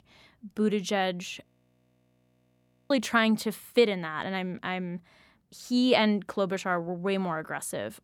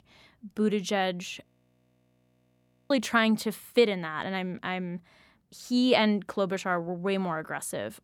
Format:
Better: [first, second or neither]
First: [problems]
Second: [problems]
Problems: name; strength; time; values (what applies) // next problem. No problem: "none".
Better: neither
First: audio freezing; at 1.5 s for 1.5 s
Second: audio freezing; at 1.5 s for 1.5 s